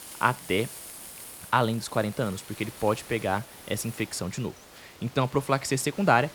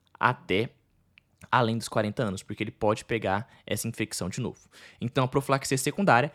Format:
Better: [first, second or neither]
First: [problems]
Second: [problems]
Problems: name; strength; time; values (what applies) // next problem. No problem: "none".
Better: second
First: hiss; noticeable; throughout; 15 dB below the speech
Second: none